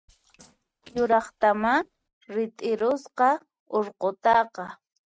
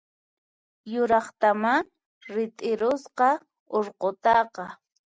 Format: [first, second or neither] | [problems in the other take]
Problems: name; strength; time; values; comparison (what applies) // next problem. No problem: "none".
second | noise reduction (neural mask model RNNoise)